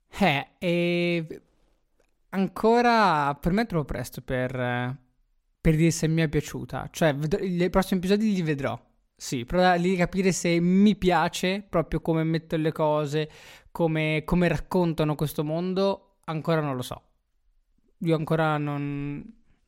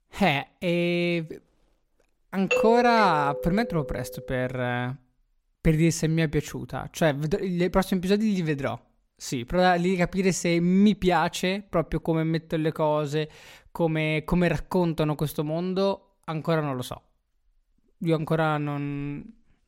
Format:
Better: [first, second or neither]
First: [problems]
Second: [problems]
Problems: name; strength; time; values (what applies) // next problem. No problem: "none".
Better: first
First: none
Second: doorbell; loud; from 2.5 to 4 s; peak 1 dB above the speech